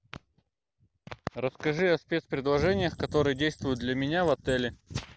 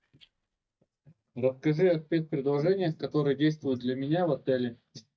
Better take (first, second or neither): first